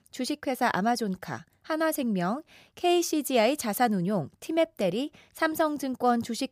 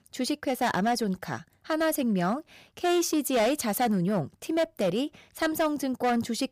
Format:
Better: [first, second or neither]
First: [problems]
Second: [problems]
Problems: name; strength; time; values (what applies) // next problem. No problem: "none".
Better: first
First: none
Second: distortion; slight; 7% of the sound clipped